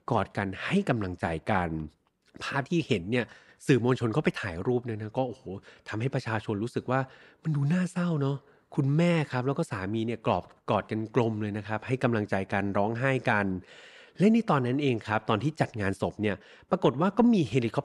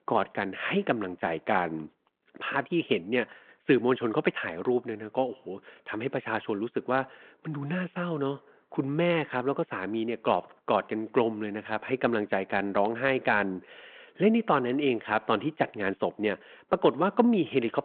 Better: first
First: none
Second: phone-call audio

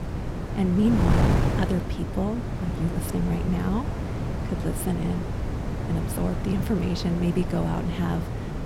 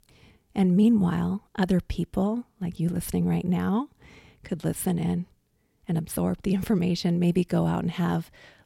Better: second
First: wind noise on the microphone; heavy; 2 dB below the speech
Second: none

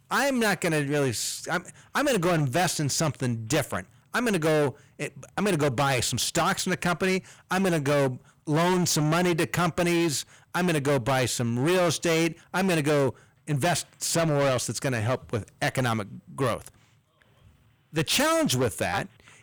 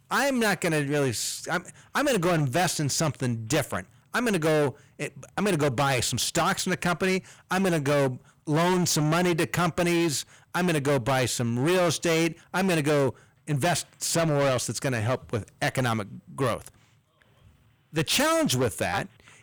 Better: neither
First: distortion; heavy; 17% of the sound clipped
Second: distortion; heavy; 17% of the sound clipped

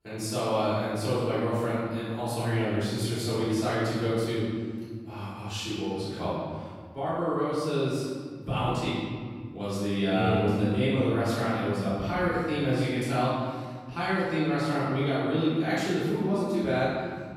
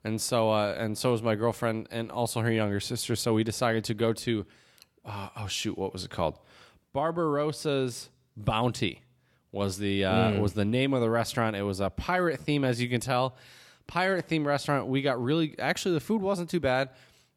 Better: second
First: off-mic speech; far // room echo; strong; dies away in 1.9 s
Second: none

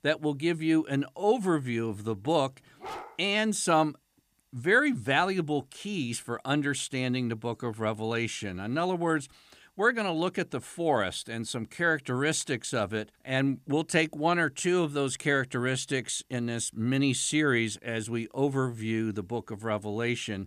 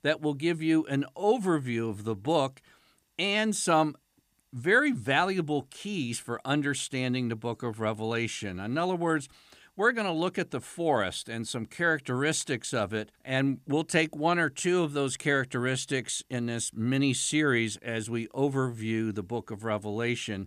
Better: second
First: dog barking; faint; at 3 s; peak 10 dB below the speech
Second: none

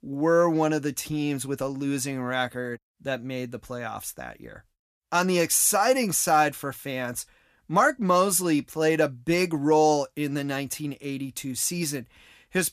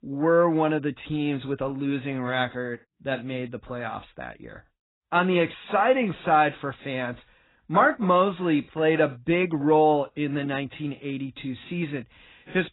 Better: first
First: none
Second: garbled, watery; badly; nothing above 4 kHz

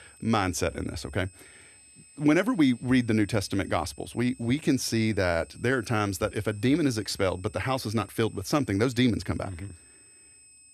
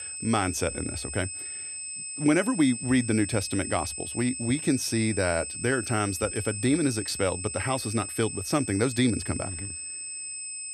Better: first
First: high-pitched whine; faint; throughout; 8 kHz, 25 dB below the speech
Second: high-pitched whine; loud; throughout; 8 kHz, 6 dB below the speech

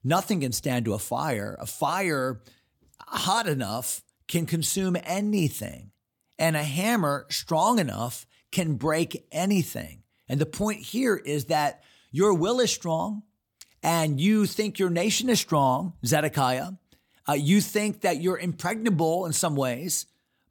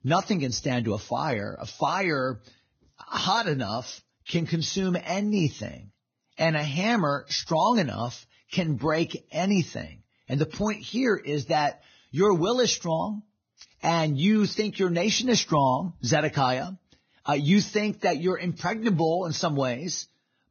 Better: first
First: none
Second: garbled, watery; badly; nothing above 6.5 kHz

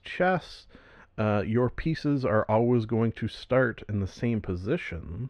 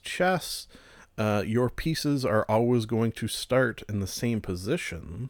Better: second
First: muffled; slightly; fading above 2.5 kHz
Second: none

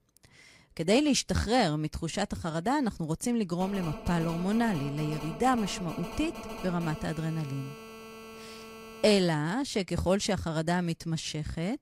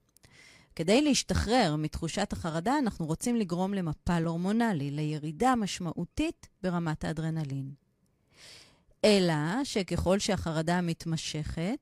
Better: second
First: phone ringing; faint; from 3.5 to 9 s; peak 10 dB below the speech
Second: none

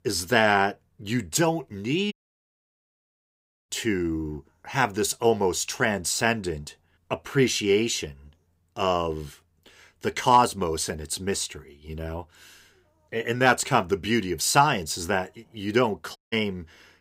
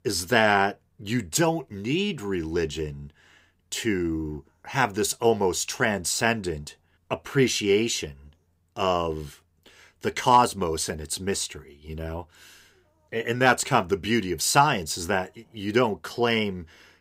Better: second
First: audio cutting out; at 2 s for 1.5 s and at 16 s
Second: none

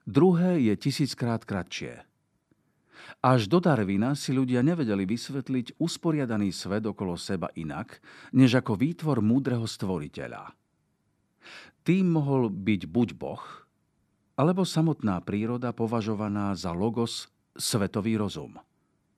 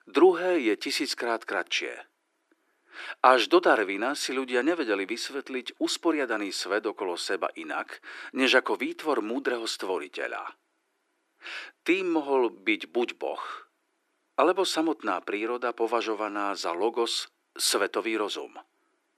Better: first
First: none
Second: thin; very; fading below 350 Hz

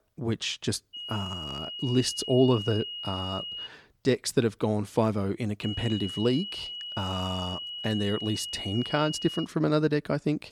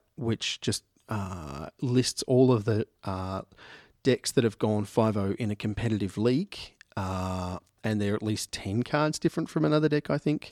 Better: second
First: high-pitched whine; loud; from 1 to 3.5 s and from 5.5 to 9.5 s; 3 kHz, 7 dB below the speech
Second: none

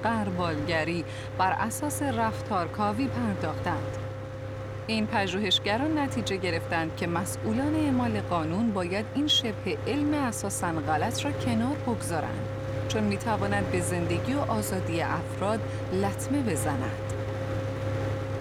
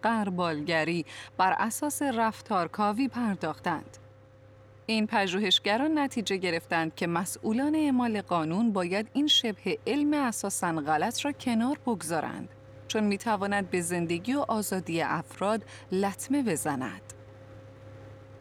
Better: second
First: machinery noise; loud; throughout; 5 dB below the speech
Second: machinery noise; faint; throughout; 25 dB below the speech

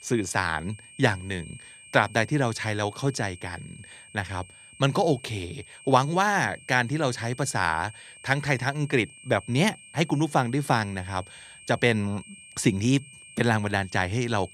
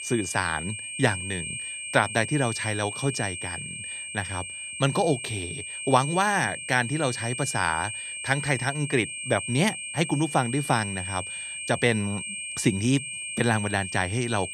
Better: first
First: high-pitched whine; faint; throughout; 2.5 kHz, 20 dB below the speech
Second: high-pitched whine; loud; throughout; 2.5 kHz, 6 dB below the speech

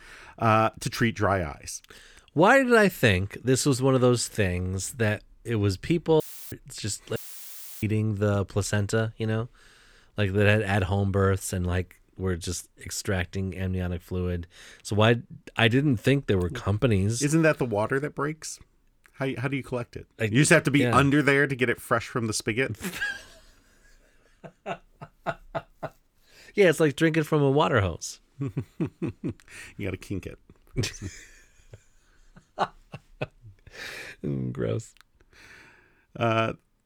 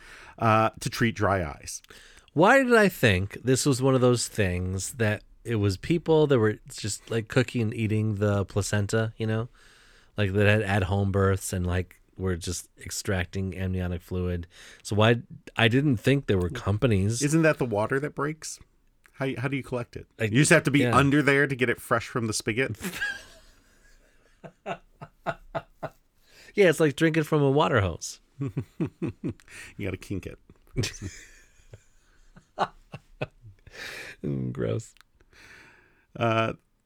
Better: second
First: audio cutting out; filled with static; at 6 s and at 7 s for 0.5 s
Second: none

